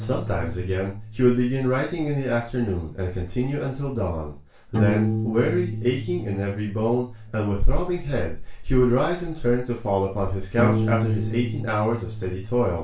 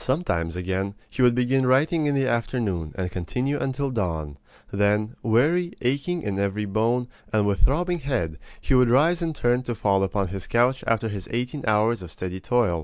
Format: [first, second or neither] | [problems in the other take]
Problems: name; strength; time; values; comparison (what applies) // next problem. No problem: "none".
second | background sound (Piano); 7 dB below the speech // room echo; dies away in 0.2 s